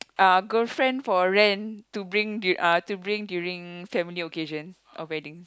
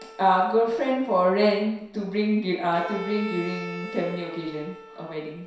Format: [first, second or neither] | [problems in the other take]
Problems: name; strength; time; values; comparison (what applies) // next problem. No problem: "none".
first | background sound (Bowed string instrument); 15 dB below the speech // room echo; dies away in 0.7 s